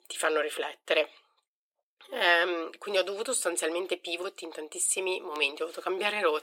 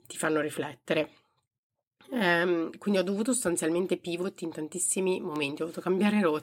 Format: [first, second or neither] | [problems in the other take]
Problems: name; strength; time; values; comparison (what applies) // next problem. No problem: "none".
second | thin; very; fading below 450 Hz